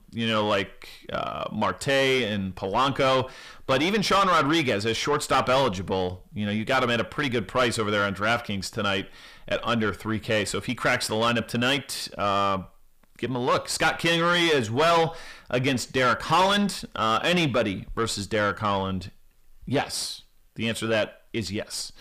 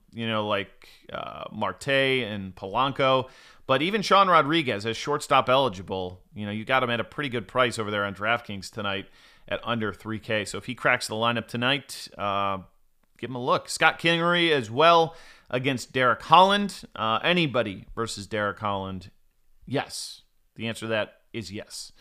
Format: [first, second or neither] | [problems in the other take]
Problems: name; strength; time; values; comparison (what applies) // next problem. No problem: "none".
second | distortion; heavy; 5 dB below the speech